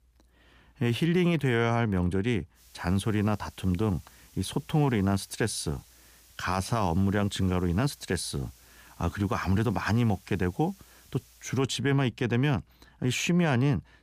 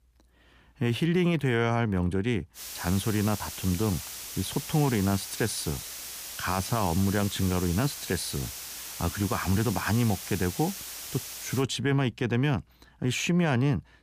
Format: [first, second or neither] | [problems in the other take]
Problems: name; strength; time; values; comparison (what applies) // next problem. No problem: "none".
first | hiss; loud; from 2.5 to 12 s; 8 dB below the speech; faint in the first